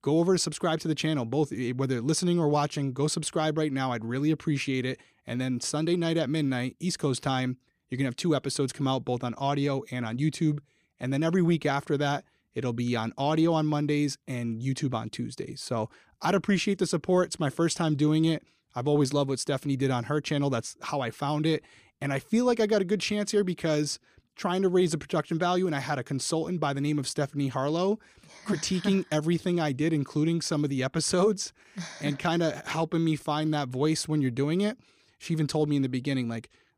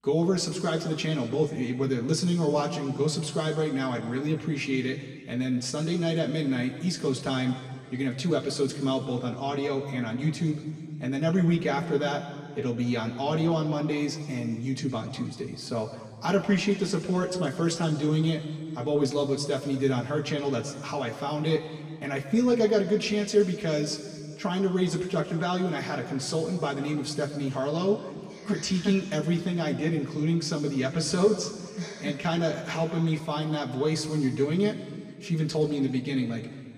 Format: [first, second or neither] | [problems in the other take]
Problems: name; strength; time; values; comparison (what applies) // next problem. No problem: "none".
first | room echo; slight; dies away in 2 s // off-mic speech; somewhat distant